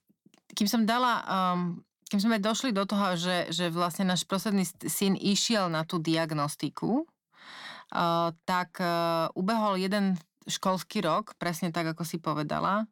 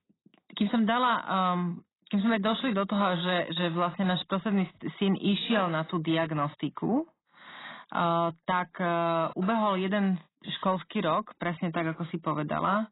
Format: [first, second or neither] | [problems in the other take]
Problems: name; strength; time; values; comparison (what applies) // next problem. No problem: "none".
first | garbled, watery; badly; nothing above 4 kHz